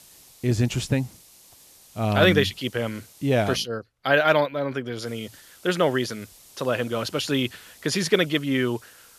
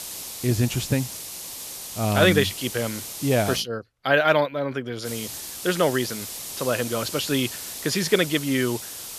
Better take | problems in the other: first | hiss; loud; until 3.5 s and from 5 s on; 9 dB below the speech; faint in the first

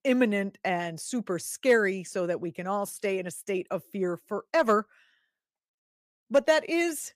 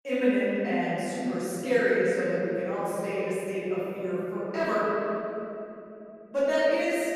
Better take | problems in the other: first | room echo; strong; dies away in 3 s // off-mic speech; far

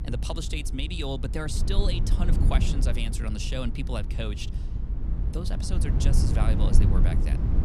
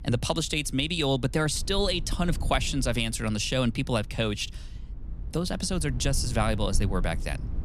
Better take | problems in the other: second | low rumble; loud; throughout; 5 dB below the speech; faint in the second

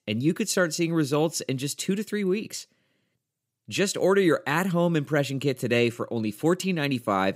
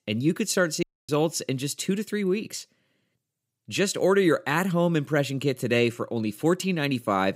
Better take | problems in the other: first | audio cutting out; at 1 s

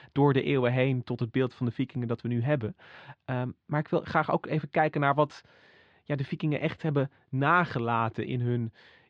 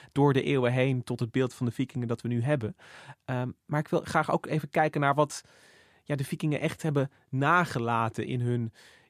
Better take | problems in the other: second | muffled; slightly; fading above 4 kHz

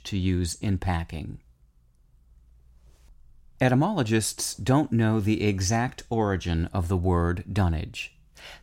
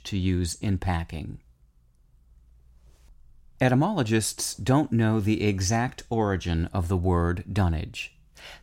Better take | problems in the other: neither | none

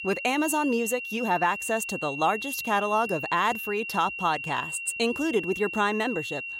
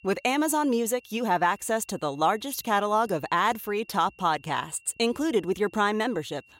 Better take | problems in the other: second | high-pitched whine; loud; throughout; 2.5 kHz, 6 dB below the speech; faint in the second

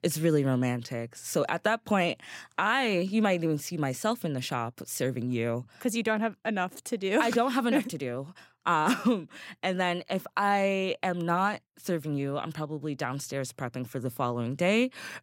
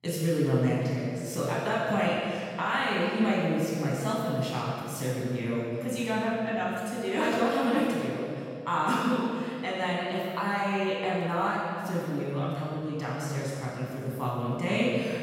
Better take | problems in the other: first | off-mic speech; far // room echo; strong; dies away in 2.3 s

